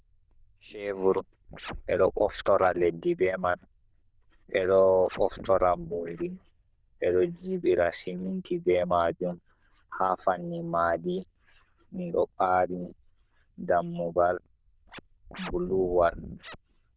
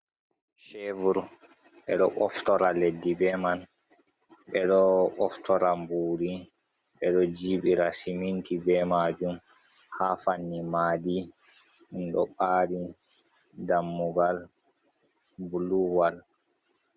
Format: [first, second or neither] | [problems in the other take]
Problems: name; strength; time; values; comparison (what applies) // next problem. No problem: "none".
second | noise reduction (neural diffusion model UNIVERSE++)